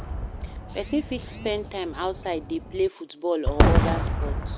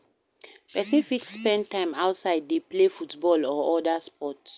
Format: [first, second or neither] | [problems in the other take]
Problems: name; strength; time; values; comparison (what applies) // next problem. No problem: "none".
second | background sound (Fireworks); 3 dB above the speech